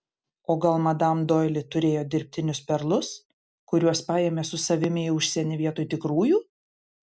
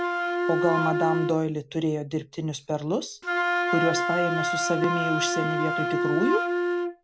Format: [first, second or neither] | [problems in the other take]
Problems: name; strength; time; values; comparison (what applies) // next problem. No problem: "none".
first | background sound (Wind instrument, woodwind instrument); 1 dB above the speech